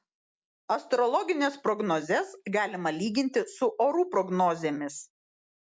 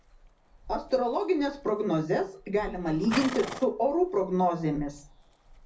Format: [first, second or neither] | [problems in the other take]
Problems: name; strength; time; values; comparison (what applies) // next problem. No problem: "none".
first | background sound (Livestock, farm animals, working animals); 14 dB below the speech // room echo; dies away in 0.4 s